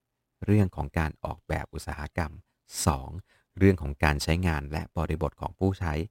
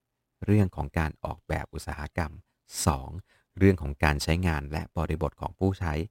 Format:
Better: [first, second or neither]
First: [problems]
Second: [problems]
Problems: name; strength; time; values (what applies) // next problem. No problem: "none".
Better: neither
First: none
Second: none